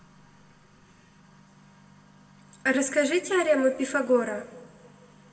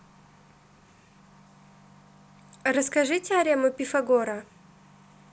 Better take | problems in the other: second | room echo; dies away in 2 s

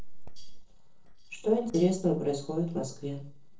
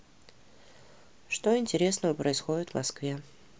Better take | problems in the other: second | noise reduction (neural separator model SepFormer DNS4)

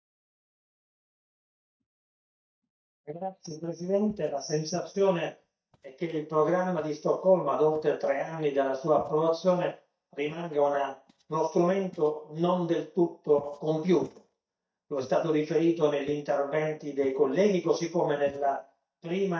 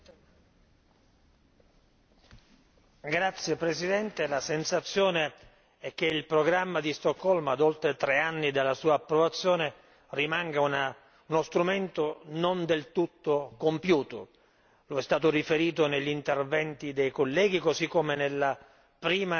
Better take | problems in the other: second | noise reduction (neural mask model DeepFilterNet 3)

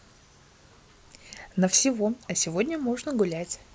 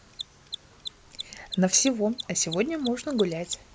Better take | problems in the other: first | background sound (Mechanisms); 14 dB below the speech

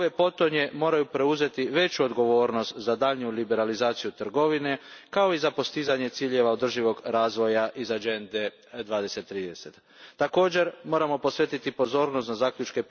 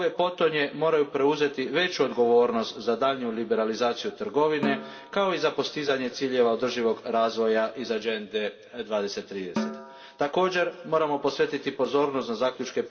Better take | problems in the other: first | background sound (Snare drum); 13 dB below the speech // room echo; dies away in 1.8 s

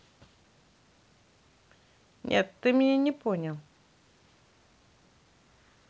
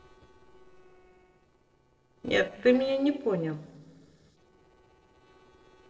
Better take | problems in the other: first | noise reduction (neural separator model SepFormer DNS4)

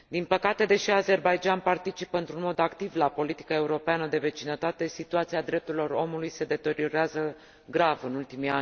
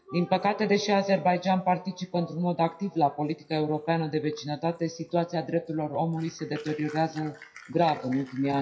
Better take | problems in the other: first | noise reduction (classical method WPE with log-MMSE)

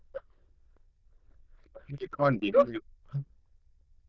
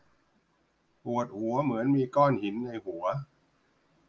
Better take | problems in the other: second | noise reduction (neural diffusion model UNIVERSE++)

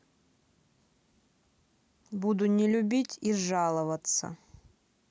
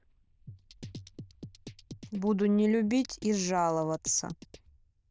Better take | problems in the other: first | noise reduction (neural diffusion model UNIVERSE++)

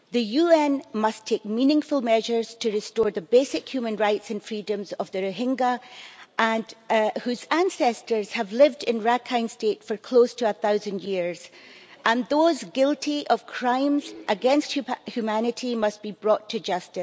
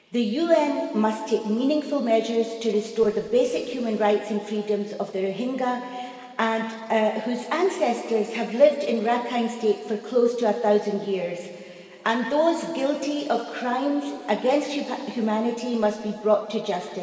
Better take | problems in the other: first | room echo; dies away in 2.2 s

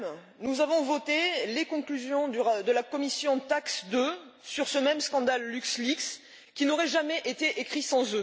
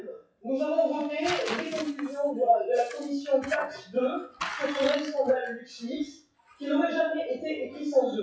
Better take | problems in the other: first | noise reduction (classical method WPE with log-MMSE)

